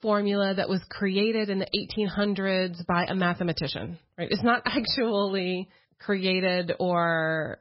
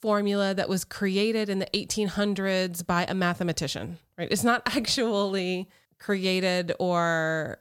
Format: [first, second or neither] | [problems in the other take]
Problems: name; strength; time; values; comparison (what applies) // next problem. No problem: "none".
second | garbled, watery; badly; nothing above 5.5 kHz